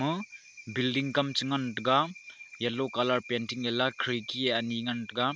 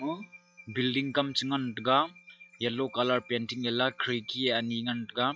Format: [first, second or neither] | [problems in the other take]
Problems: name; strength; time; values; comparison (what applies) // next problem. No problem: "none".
first | noise reduction (classical method log-MMSE)